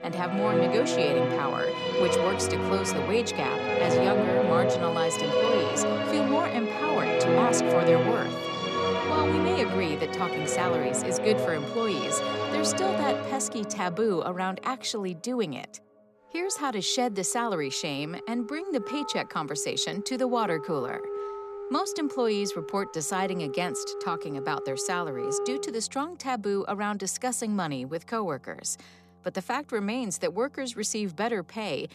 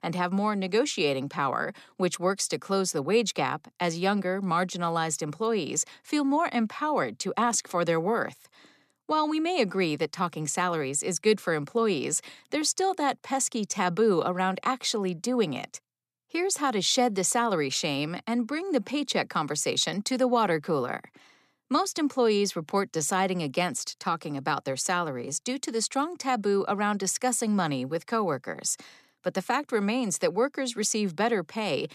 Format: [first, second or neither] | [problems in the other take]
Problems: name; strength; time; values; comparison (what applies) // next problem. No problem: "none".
second | background music; very loud; throughout; 2 dB above the speech